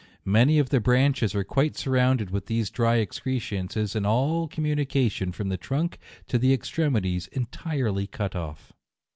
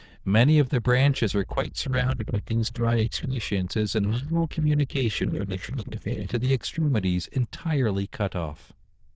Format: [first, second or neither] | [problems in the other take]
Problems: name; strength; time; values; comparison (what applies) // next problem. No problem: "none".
first | noise reduction (neural diffusion model UNIVERSE++)